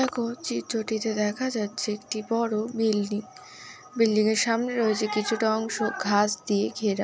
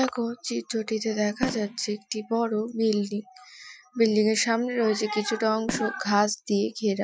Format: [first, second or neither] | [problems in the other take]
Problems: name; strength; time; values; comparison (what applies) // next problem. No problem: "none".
first | noise reduction (classical method Wiener filter)